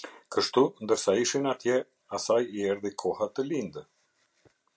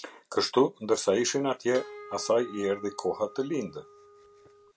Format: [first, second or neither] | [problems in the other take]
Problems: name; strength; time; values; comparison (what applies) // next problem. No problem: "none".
first | background sound (Harp); 17 dB below the speech